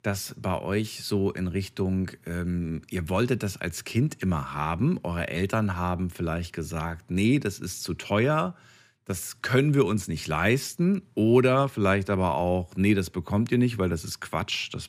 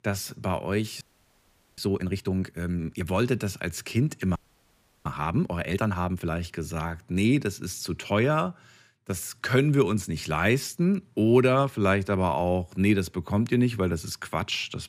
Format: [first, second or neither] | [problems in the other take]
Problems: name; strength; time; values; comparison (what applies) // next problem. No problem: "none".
first | audio freezing; at 1 s for 1 s and at 4.5 s for 0.5 s